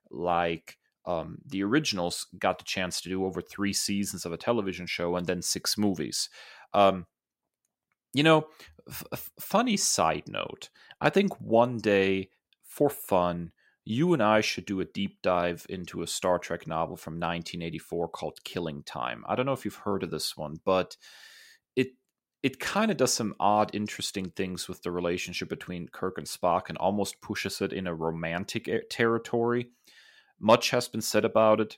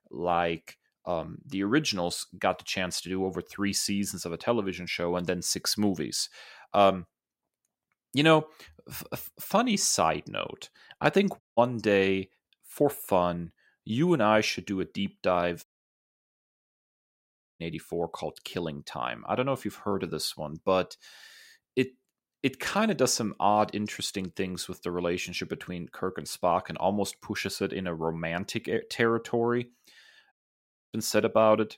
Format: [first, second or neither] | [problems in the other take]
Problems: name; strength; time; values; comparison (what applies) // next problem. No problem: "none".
first | audio cutting out; at 11 s, at 16 s for 2 s and at 30 s for 0.5 s